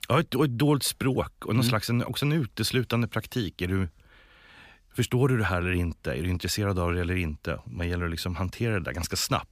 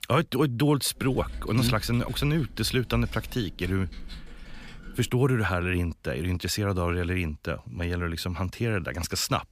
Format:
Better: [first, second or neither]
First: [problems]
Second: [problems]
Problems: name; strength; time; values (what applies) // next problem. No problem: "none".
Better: first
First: none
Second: keyboard typing; faint; from 1 to 5 s; peak 10 dB below the speech